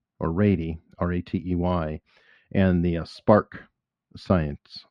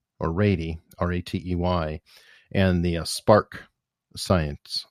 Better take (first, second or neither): second